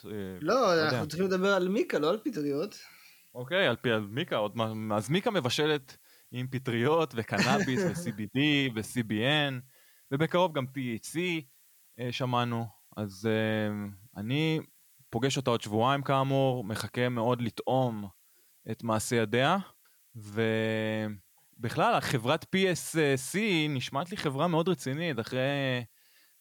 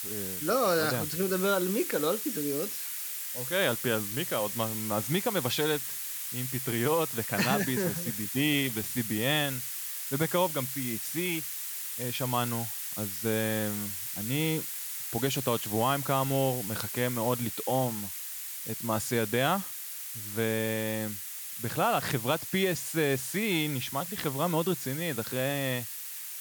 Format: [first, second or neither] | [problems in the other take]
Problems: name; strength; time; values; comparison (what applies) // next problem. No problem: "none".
first | hiss; loud; throughout; 4 dB below the speech; faint in the first